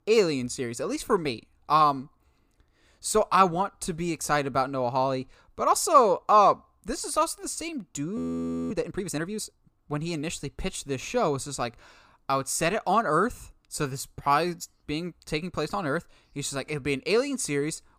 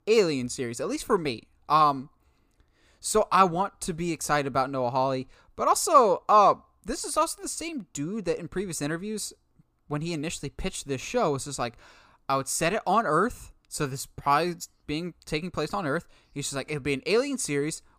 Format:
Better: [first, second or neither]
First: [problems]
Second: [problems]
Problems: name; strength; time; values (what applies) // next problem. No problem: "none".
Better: second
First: audio freezing; at 8 s for 0.5 s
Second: none